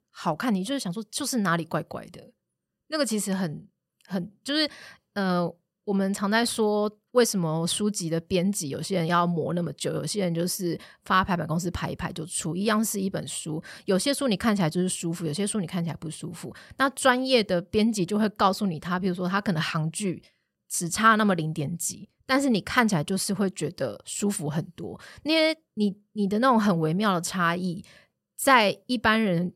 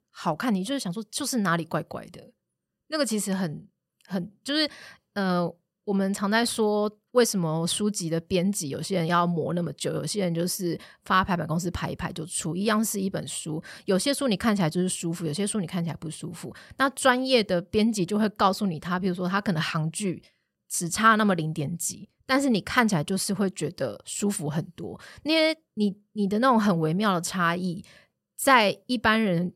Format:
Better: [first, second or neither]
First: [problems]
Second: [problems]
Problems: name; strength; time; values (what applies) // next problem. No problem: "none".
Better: neither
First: none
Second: none